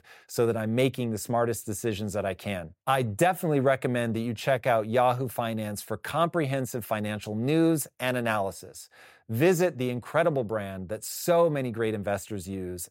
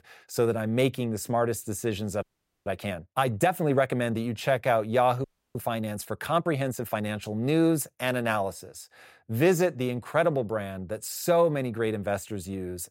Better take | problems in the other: first | audio freezing; at 2 s and at 5 s

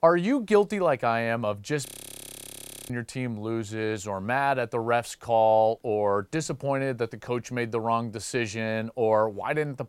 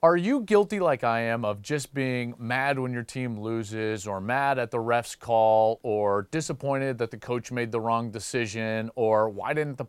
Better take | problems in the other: second | audio freezing; at 2 s for 1 s

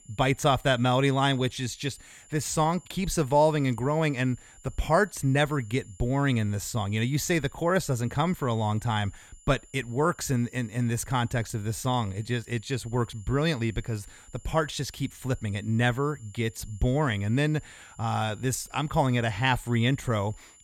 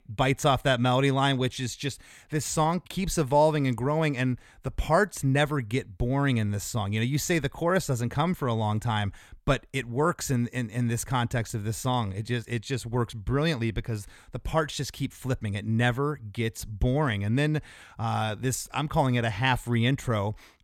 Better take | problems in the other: second | high-pitched whine; faint; throughout; 7 kHz, 25 dB below the speech

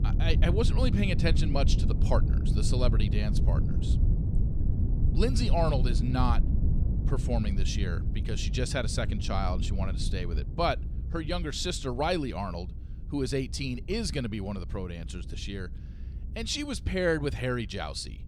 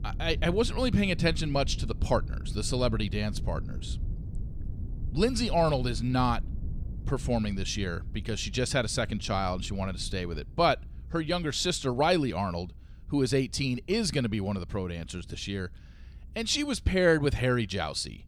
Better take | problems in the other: second | low rumble; loud; throughout; 10 dB below the speech; faint in the second

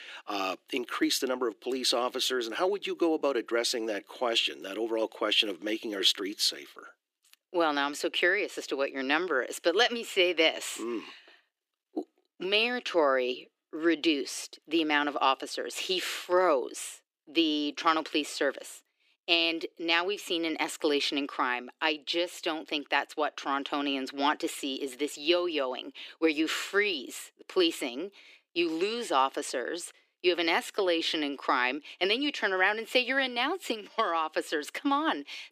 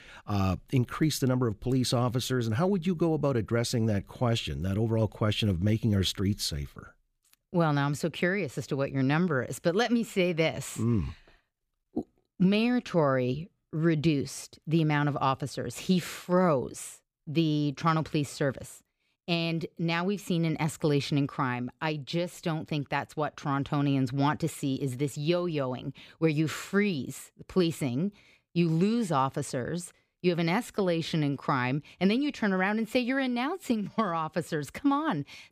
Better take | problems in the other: second | thin; somewhat; fading below 300 Hz

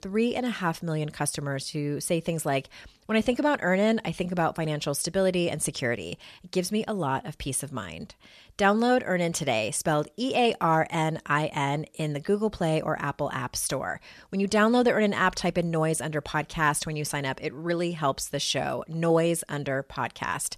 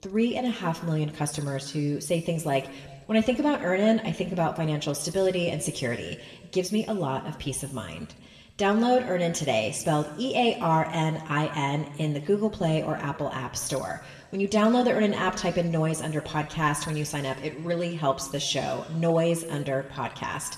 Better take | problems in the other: first | room echo; slight; dies away in 1.2 s

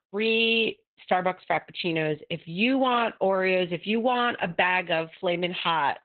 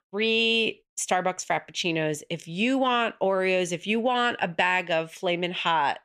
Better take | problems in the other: second | garbled, watery; badly; nothing above 3.5 kHz

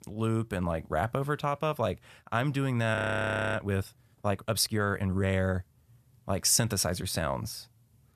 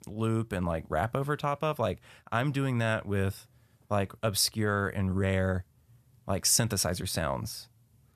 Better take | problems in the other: second | audio freezing; at 3 s for 0.5 s

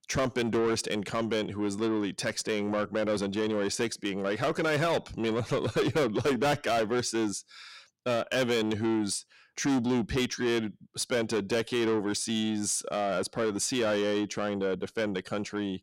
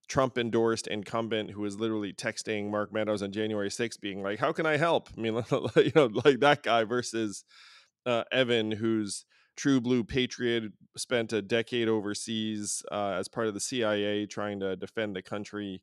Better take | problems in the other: second | distortion; heavy; 6 dB below the speech

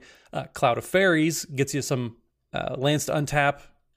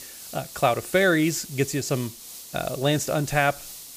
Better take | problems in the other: first | hiss; noticeable; throughout; 15 dB below the speech

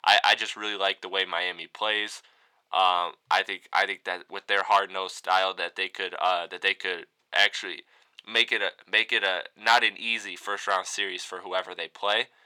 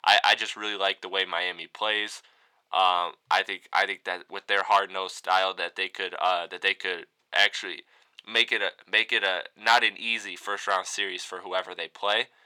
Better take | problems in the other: neither | thin; very; fading below 750 Hz; the same in both

